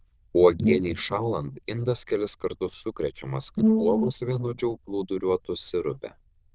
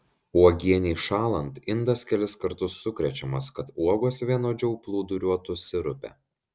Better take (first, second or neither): second